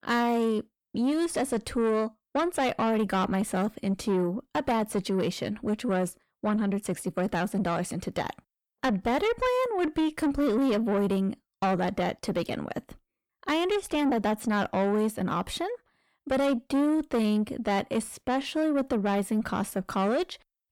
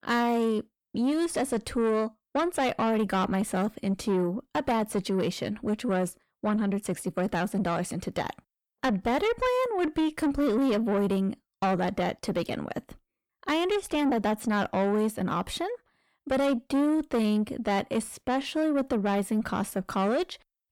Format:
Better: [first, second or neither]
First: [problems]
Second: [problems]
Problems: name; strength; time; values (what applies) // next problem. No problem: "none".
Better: neither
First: distortion; slight; 10 dB below the speech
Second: distortion; slight; 10 dB below the speech